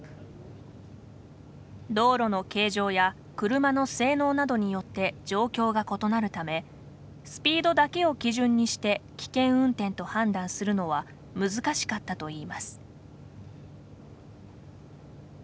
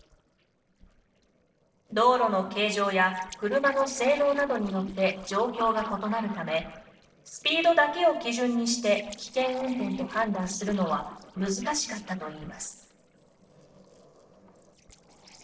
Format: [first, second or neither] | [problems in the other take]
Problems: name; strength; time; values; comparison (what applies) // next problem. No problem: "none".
first | noise reduction (neural separator model SepFormer DNS4)